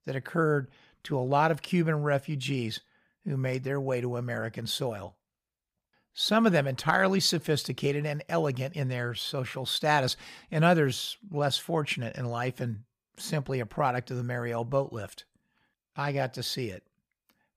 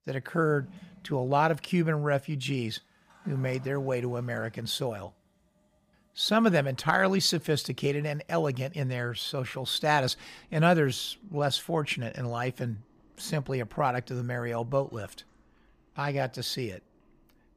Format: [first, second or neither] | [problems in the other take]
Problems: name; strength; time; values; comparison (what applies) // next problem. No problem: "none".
first | household noises; faint; throughout; 30 dB below the speech